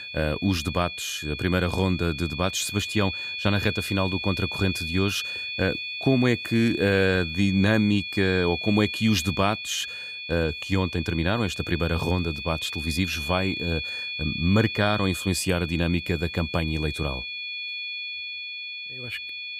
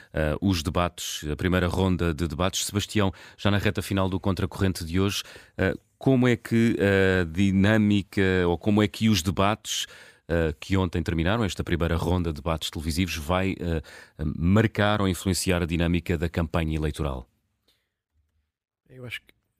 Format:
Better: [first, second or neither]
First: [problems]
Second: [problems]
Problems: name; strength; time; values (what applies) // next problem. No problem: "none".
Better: second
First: high-pitched whine; loud; throughout; 2.5 kHz, 6 dB below the speech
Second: none